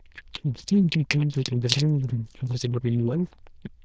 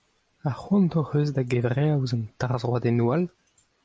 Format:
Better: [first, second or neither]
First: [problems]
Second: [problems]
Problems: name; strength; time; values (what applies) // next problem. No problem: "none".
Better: second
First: noise reduction (neural diffusion model UNIVERSE++)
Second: none